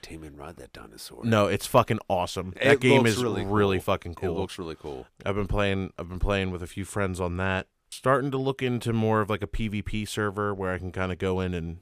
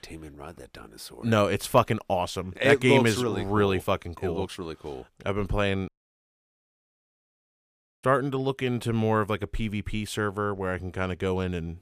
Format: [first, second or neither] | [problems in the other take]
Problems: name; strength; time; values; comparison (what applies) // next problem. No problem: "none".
first | audio cutting out; at 6 s for 2 s